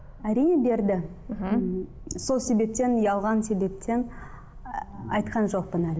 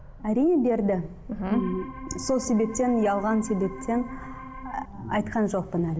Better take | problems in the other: first | background sound (Organ); 14 dB below the speech

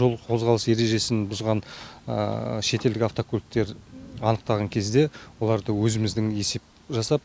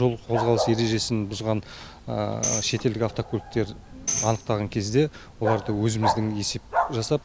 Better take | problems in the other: first | background sound (Bark + Tambourine); 6 dB below the speech

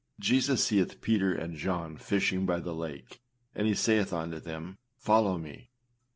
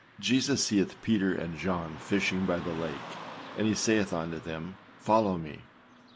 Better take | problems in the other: first | background sound (Car passing by / Traffic noise, roadway noise); 16 dB below the speech

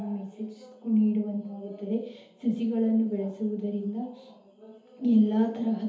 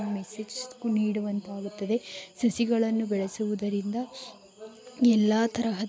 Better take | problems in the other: second | room echo; dies away in 0.6 s

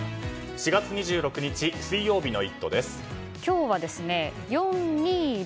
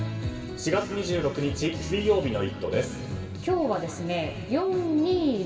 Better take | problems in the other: first | background sound (Organ); 18 dB below the speech // room echo; dies away in 1.8 s

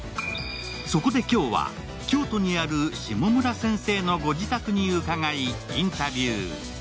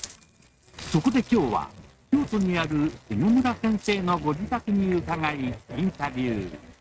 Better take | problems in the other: first | noise reduction (neural mask model RNNoise)

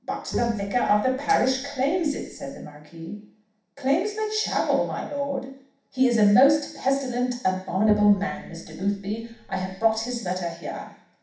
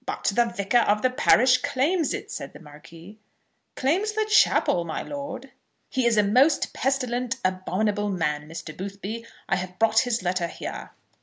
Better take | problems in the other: second | background sound (Bowed string instrument); 12 dB below the speech // room echo; dies away in 0.7 s

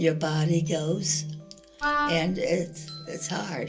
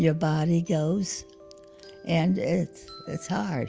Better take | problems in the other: second | background sound (Wind instrument, woodwind instrument); 2 dB below the speech // room echo; dies away in 0.2 s

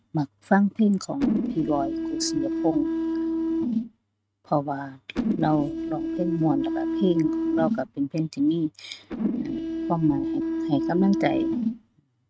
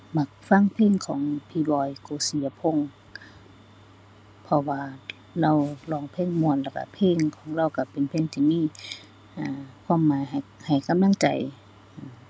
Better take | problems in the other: second | noise reduction (neural mask model RNNoise)

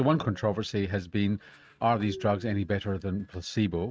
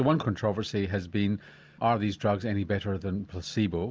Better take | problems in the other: second | noise reduction (neural mask model RNNoise)

